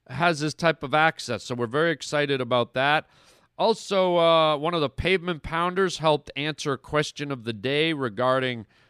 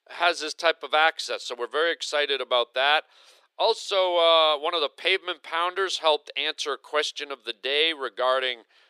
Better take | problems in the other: first | thin; very; fading below 400 Hz

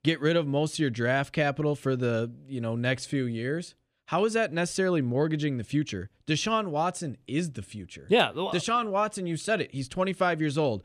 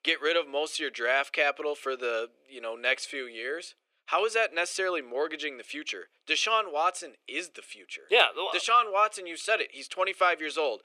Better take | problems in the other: first | thin; very; fading below 400 Hz

